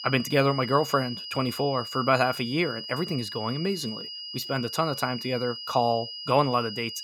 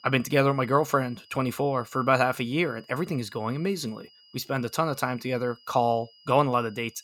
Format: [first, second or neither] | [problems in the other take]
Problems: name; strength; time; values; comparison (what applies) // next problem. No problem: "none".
second | high-pitched whine; loud; throughout; 5 kHz, 8 dB below the speech; faint in the second